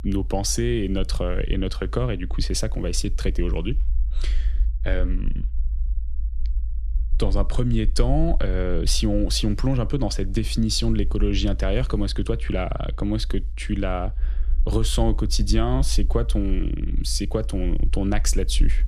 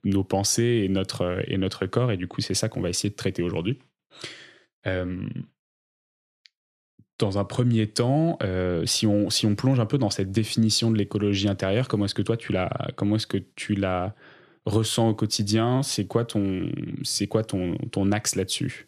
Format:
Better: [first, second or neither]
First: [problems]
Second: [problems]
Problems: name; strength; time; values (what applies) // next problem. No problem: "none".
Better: second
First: low rumble; faint; throughout; 25 dB below the speech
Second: none